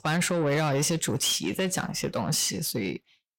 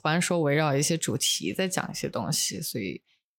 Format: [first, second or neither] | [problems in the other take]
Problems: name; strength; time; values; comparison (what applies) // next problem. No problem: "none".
second | distortion; slight; 10 dB below the speech